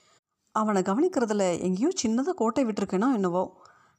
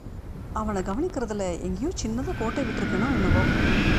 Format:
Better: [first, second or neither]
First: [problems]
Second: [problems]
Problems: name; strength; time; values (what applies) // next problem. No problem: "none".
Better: first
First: none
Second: wind in the background; very loud; throughout; 2 dB above the speech